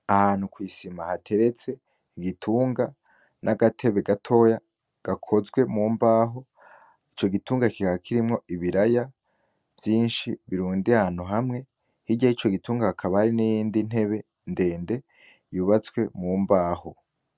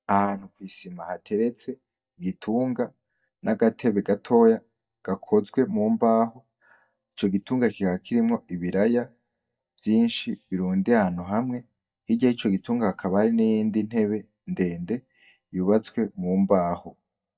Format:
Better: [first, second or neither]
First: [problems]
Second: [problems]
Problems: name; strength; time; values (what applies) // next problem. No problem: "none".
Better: first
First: none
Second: noise reduction (neural mask model DeepFilterNet 3)